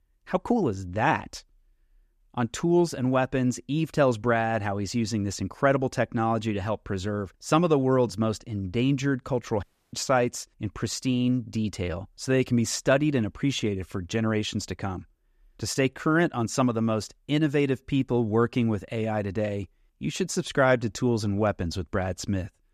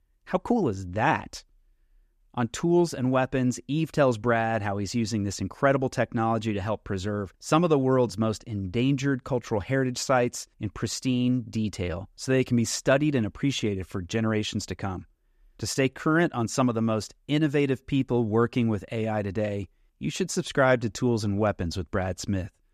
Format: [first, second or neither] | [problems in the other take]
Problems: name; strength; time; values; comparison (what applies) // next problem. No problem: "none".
second | audio cutting out; at 9.5 s